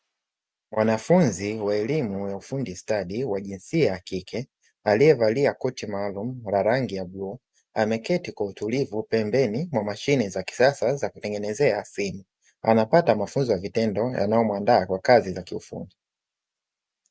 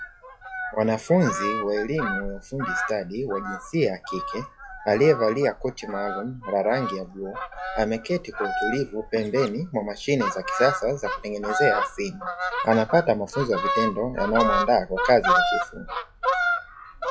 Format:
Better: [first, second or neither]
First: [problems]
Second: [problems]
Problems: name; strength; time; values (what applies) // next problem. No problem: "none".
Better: first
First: none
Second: noise reduction (classical method log-MMSE)